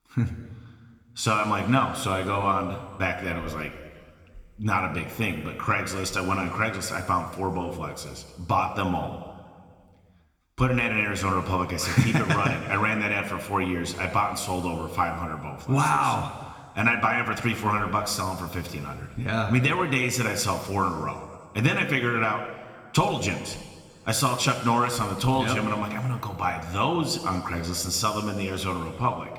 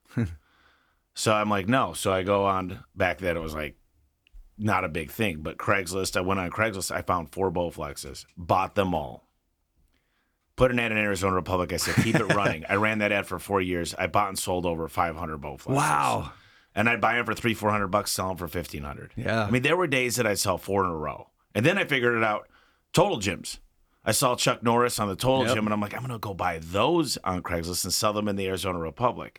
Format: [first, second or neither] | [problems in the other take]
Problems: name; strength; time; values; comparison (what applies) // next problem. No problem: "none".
second | room echo; slight; dies away in 1.9 s